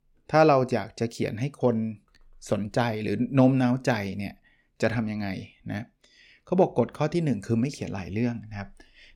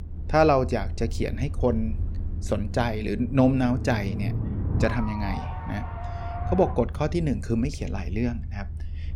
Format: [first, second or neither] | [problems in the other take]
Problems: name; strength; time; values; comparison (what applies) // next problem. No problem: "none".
first | low rumble; noticeable; throughout; 15 dB below the speech